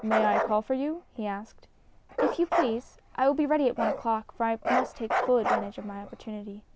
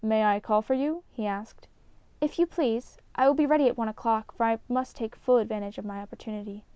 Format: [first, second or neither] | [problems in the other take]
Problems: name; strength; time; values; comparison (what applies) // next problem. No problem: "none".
second | background sound (Bark); 3 dB below the speech